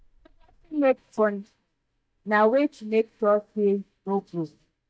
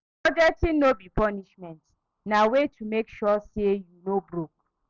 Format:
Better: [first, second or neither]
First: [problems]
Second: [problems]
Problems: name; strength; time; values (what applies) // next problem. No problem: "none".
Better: second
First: noise reduction (neural mask model DeepFilterNet 3)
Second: none